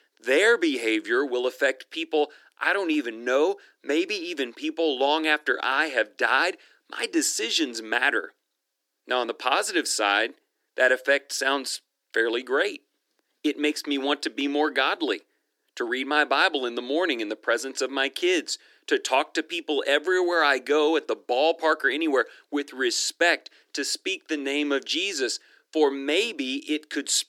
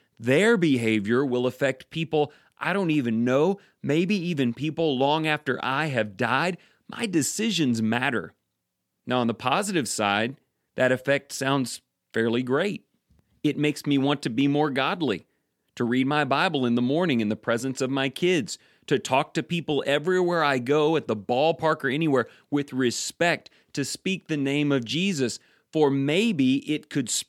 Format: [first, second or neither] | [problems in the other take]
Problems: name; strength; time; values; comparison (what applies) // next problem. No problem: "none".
second | thin; somewhat; fading below 300 Hz